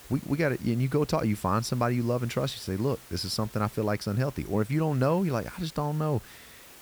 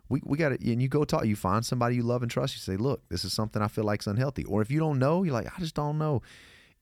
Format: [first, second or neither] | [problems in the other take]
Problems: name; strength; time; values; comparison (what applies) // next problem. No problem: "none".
second | hiss; noticeable; throughout; 20 dB below the speech